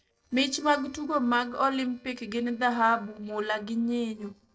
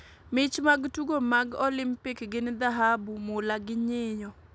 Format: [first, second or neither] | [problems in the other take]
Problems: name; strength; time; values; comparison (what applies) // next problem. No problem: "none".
second | noise reduction (neural separator model SepFormer DNS4)